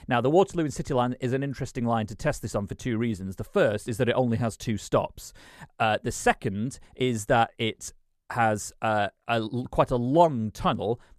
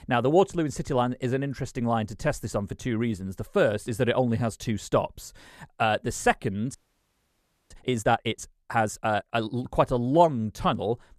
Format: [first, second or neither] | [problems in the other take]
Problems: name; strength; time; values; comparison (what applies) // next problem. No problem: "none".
first | audio freezing; at 7 s for 1 s